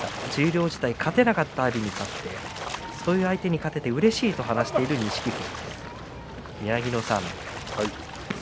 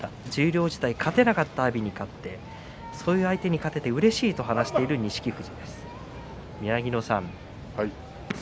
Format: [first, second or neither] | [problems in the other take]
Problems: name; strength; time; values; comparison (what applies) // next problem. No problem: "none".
second | background sound (Splash, splatter); 11 dB below the speech